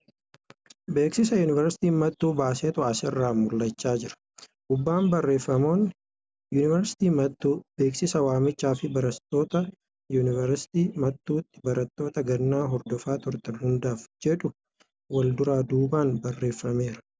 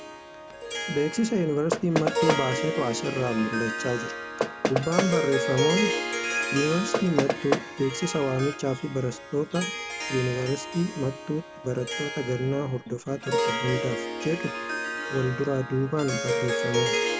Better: first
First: none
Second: background sound (Knock + Harp); 2 dB below the speech

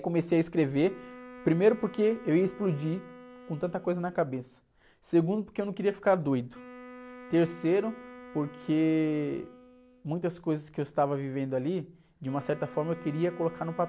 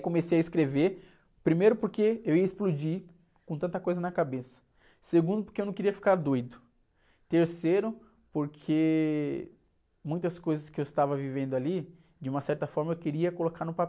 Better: second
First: background sound (Wind instrument, woodwind instrument); 19 dB below the speech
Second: none

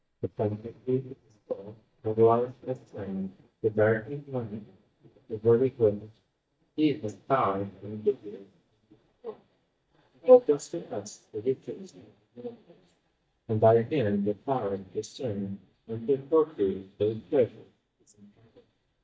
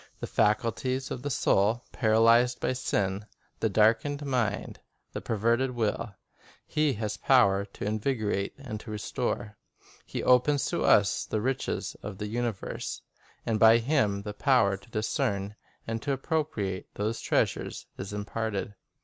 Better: second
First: noise reduction (neural mask model DeepFilterNet 3)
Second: none

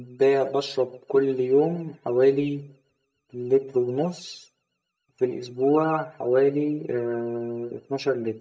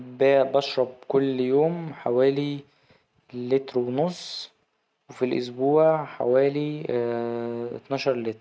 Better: second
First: noise reduction (neural mask model DeepFilterNet 3)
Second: none

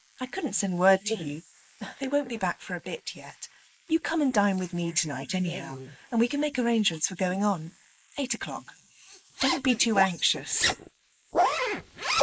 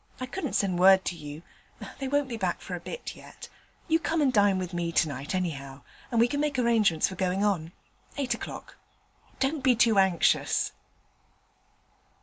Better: second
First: noise reduction (neural mask model Resemble Enhance denoiser)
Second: none

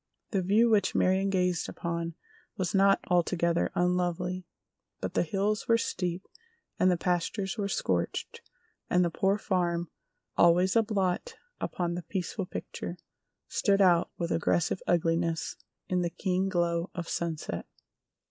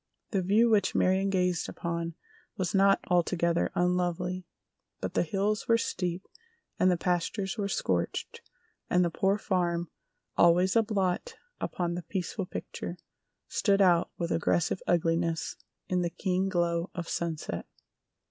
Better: second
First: noise reduction (neural mask model Resemble Enhance denoiser)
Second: none

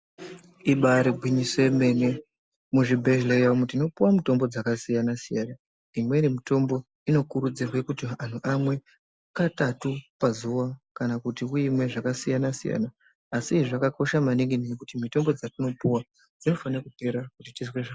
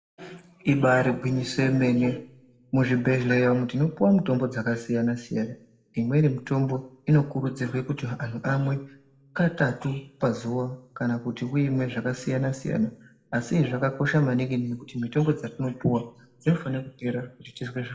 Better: first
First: none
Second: room echo; dies away in 0.5 s

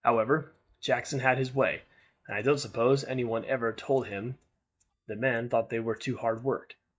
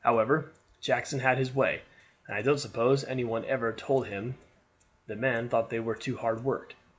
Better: second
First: noise reduction (neural mask model DeepFilterNet 3)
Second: none

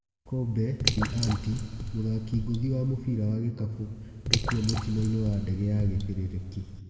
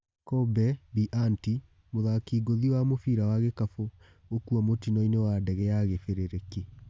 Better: second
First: background sound (Drip / Water); 5 dB below the speech // room echo; dies away in 2.1 s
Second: none

